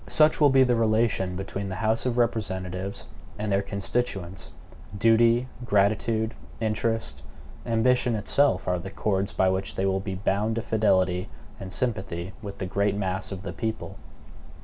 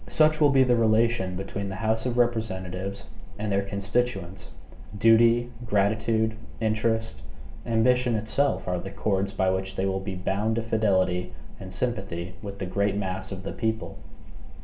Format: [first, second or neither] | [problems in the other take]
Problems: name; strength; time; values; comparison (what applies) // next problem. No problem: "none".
first | room echo; dies away in 0.5 s